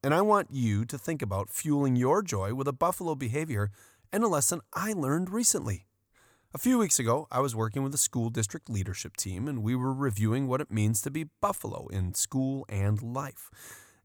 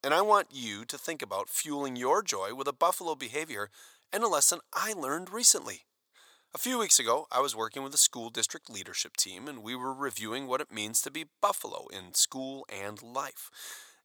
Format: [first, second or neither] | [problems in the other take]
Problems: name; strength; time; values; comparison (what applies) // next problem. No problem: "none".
first | thin; somewhat; fading below 500 Hz